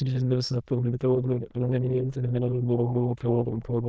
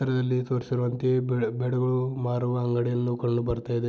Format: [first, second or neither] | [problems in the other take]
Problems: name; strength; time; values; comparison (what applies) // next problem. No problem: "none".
second | noise reduction (neural diffusion model UNIVERSE++)